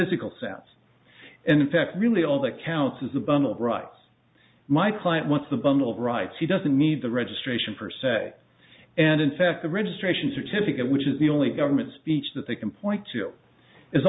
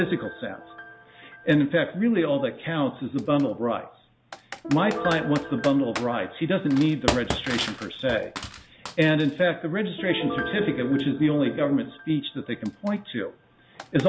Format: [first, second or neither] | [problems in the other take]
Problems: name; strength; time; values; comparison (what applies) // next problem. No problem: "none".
first | background sound (Computer keyboard + Piano); 11 dB below the speech